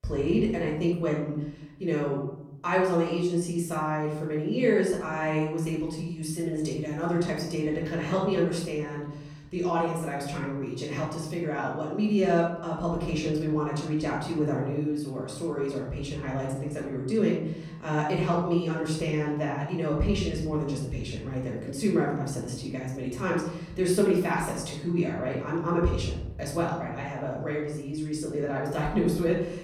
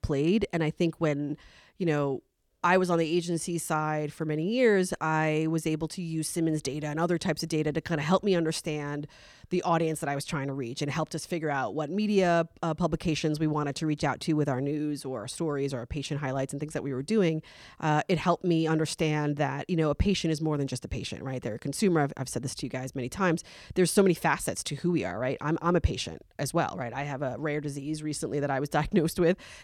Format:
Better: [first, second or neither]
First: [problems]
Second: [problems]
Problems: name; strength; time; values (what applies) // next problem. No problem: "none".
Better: second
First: off-mic speech; far // room echo; noticeable; dies away in 0.9 s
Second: none